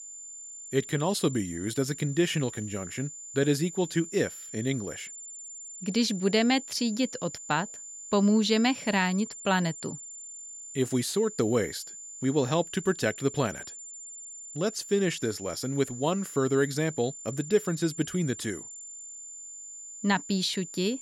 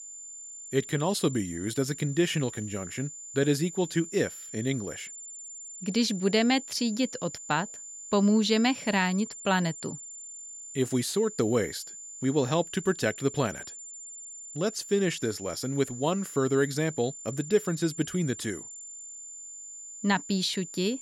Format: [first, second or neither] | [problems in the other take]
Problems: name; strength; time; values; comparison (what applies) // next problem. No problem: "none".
neither | high-pitched whine; noticeable; throughout; 7 kHz, 10 dB below the speech; the same in both